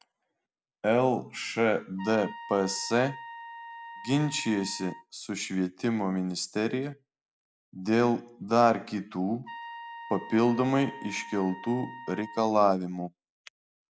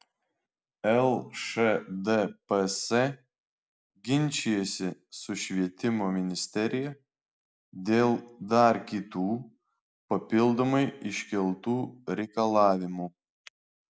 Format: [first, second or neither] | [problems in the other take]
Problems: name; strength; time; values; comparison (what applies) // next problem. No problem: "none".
second | background sound (Trumpet); 14 dB below the speech